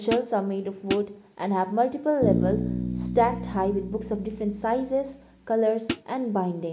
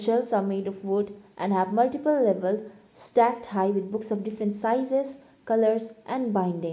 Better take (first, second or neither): second